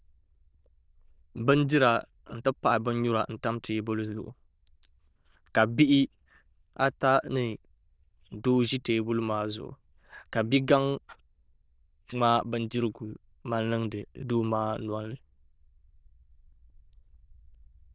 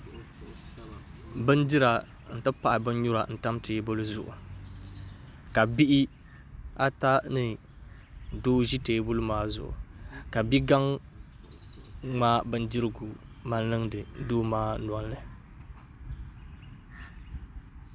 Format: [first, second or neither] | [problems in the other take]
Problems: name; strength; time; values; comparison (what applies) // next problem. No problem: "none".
second | noise reduction (neural diffusion model UNIVERSE++)